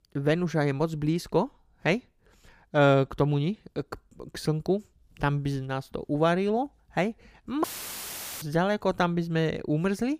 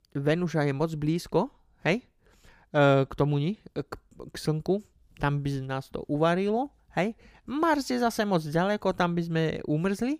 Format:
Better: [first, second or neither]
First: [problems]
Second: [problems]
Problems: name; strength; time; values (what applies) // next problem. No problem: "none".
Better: second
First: audio cutting out; filled with static; at 7.5 s for 1 s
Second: none